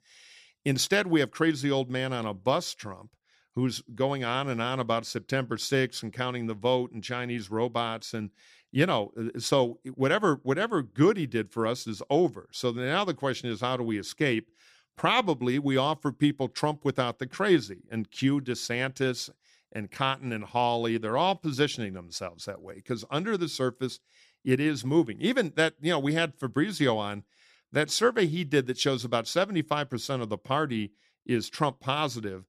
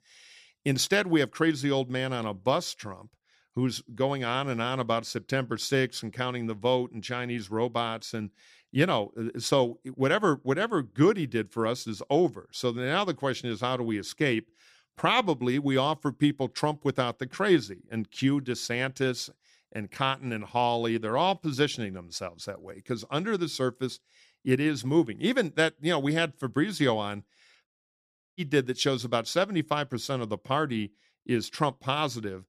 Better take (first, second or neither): first